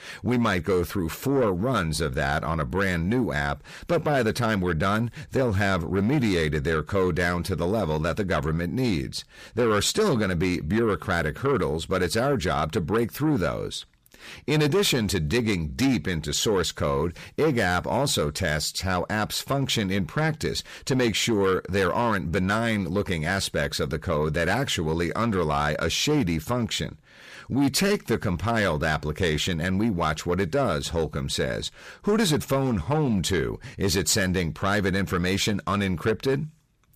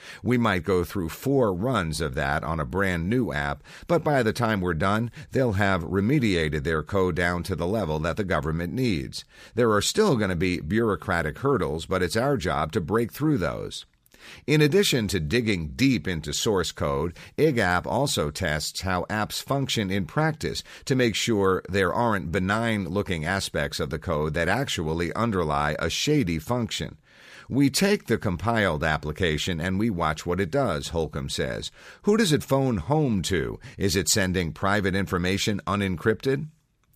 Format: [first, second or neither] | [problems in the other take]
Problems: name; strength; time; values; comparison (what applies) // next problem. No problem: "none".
second | distortion; slight; 10 dB below the speech